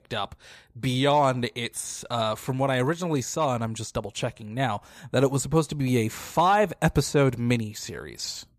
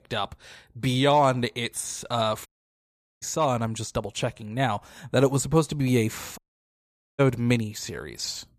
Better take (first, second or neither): first